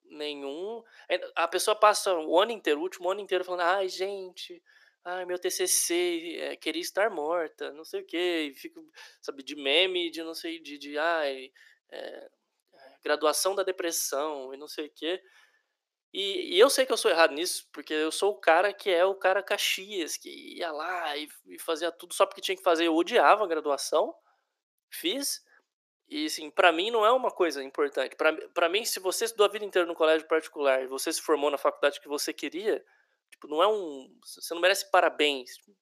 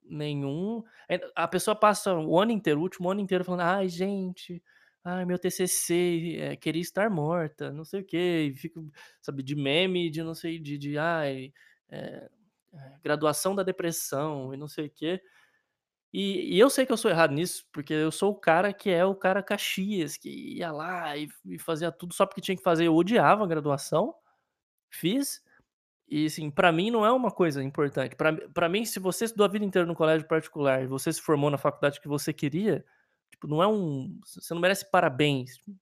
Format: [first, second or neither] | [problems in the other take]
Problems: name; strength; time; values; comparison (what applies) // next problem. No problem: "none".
second | thin; very; fading below 350 Hz